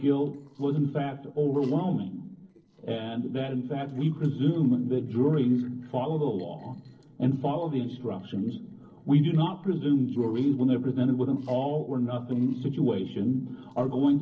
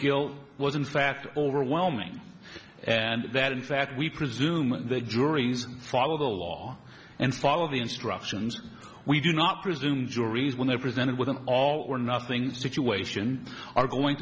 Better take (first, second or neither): second